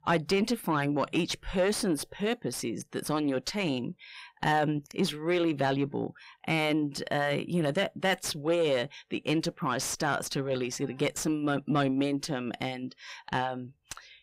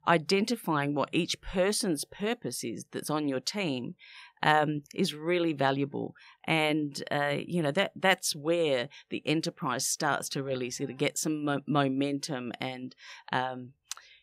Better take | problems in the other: second | distortion; slight; 10 dB below the speech

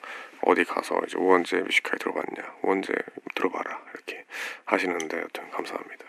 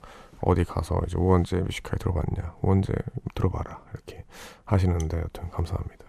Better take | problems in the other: second | thin; very; fading below 250 Hz

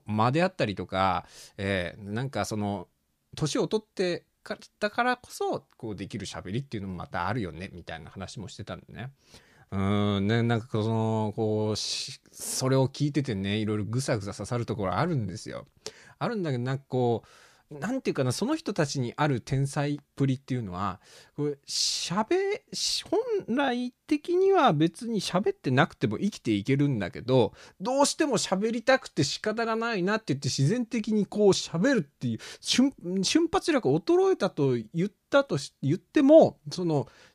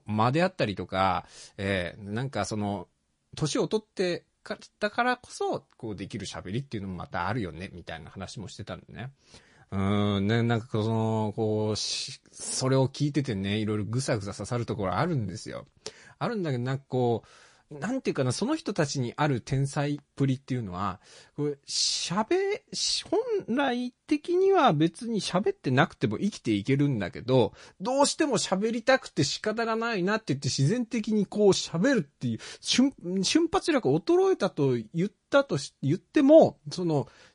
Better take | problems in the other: first | garbled, watery; slightly; nothing above 10.5 kHz

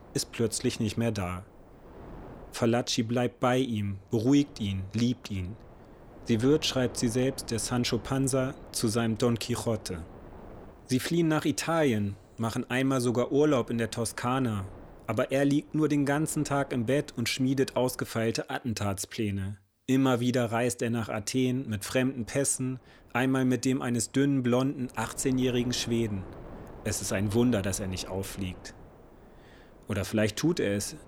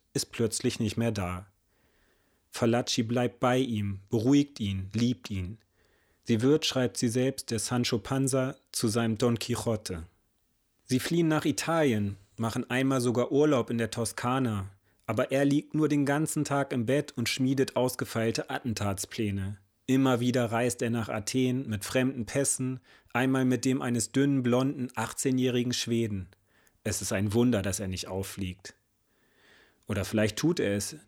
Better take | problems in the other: second | wind noise on the microphone; occasional gusts; until 18 s and from 21 s on; 20 dB below the speech

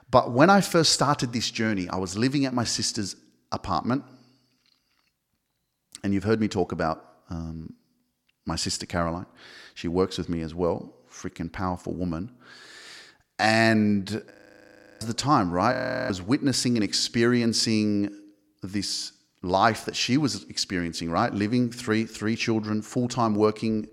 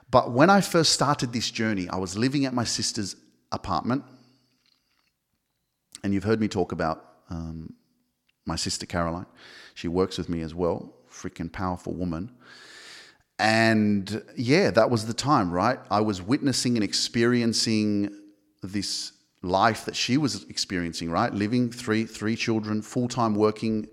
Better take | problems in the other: second | audio freezing; at 14 s for 0.5 s and at 16 s

